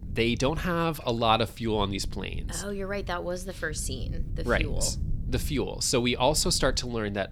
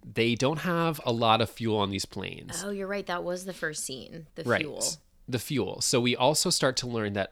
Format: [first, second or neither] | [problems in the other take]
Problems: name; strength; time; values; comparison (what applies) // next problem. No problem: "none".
second | low rumble; faint; throughout; 25 dB below the speech